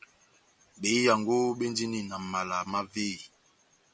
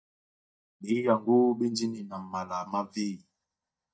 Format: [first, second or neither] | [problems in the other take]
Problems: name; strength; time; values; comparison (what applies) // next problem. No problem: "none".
first | noise reduction (neural mask model DeepFilterNet 3)